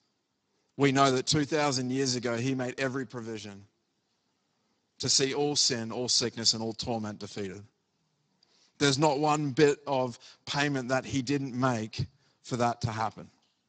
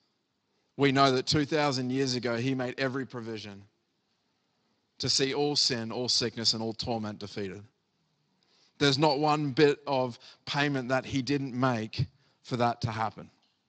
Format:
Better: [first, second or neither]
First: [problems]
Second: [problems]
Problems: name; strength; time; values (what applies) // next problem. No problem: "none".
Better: second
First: garbled, watery; badly; nothing above 8 kHz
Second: garbled, watery; slightly; nothing above 8 kHz